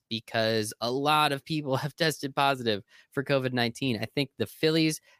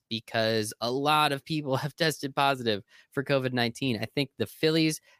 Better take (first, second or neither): neither